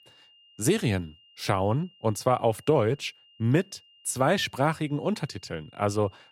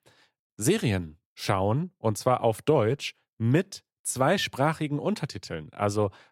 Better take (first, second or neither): second